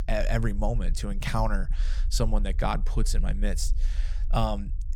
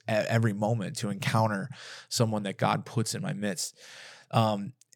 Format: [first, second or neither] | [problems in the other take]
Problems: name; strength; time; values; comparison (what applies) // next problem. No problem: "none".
second | low rumble; faint; throughout; 25 dB below the speech